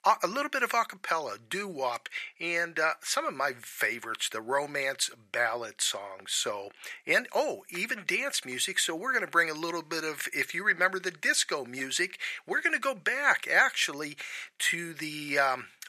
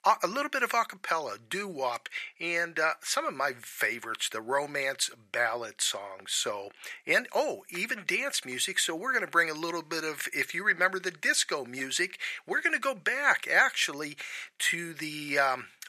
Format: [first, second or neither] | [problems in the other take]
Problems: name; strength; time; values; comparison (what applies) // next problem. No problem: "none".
neither | thin; very; fading below 800 Hz; the same in both